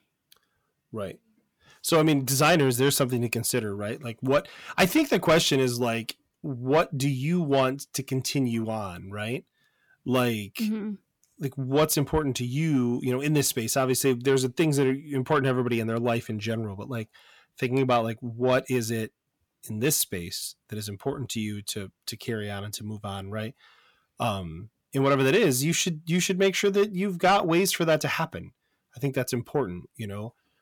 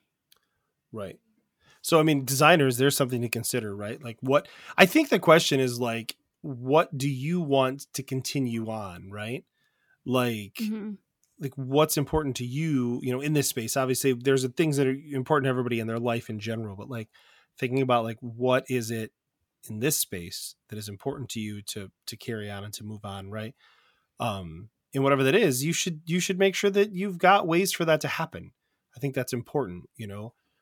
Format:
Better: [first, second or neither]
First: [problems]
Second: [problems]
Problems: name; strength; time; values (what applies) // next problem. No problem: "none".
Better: second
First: distortion; slight; 10 dB below the speech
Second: none